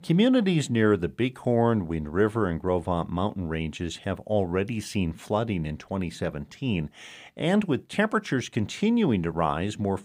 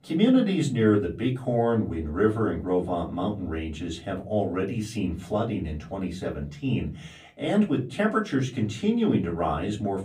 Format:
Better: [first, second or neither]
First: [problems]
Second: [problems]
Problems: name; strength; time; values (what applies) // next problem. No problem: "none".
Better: first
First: none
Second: off-mic speech; far // room echo; very slight; dies away in 0.3 s